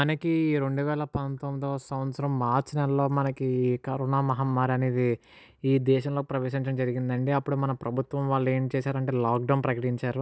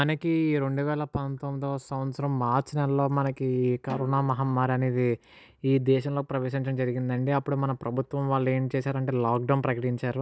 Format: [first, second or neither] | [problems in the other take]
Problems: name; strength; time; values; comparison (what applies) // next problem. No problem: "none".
first | background sound (Snare drum); 19 dB below the speech